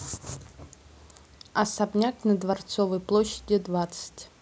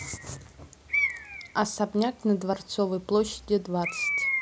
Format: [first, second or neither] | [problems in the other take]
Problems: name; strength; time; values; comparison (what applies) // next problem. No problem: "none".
first | background sound (Bird); 5 dB below the speech